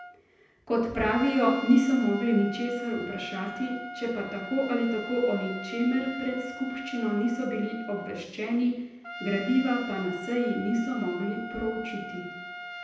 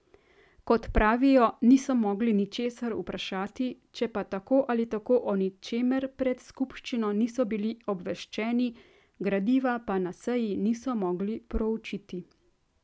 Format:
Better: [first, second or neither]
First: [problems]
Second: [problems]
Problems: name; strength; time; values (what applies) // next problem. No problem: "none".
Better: second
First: background sound (Trumpet); 12 dB below the speech // room echo; dies away in 0.9 s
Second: none